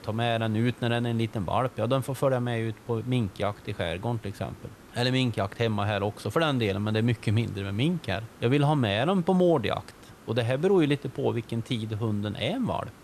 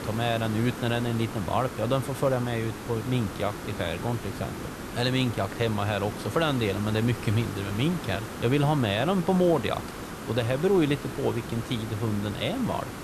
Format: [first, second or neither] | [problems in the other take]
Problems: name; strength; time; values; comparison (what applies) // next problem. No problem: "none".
first | hiss; loud; throughout; 9 dB below the speech; faint in the first